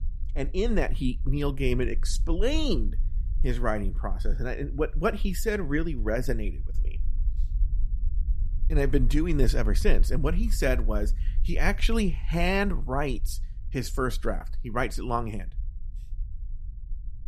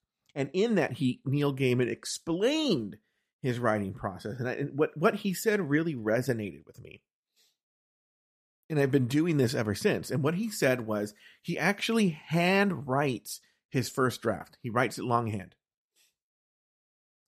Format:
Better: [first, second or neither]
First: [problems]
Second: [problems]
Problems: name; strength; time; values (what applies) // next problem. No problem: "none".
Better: second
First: low rumble; faint; throughout; 25 dB below the speech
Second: none